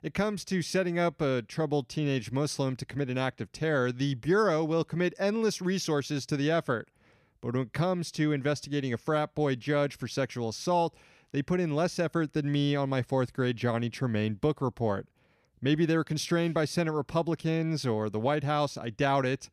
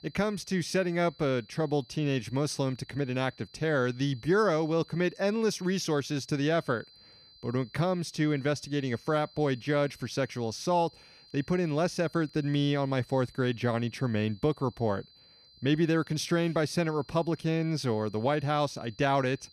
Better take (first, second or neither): first